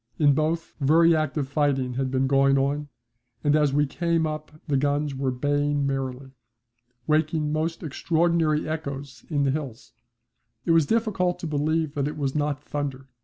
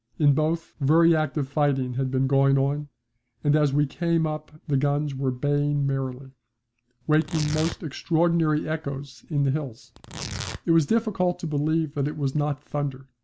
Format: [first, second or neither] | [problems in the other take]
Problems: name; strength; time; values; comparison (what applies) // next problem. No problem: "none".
first | background sound (Tearing); 13 dB below the speech